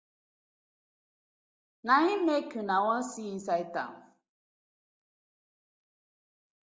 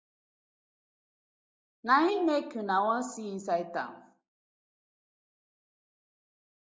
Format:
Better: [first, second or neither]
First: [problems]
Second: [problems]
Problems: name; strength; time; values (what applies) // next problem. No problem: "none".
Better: first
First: none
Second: noise reduction (neural mask model Resemble Enhance denoiser)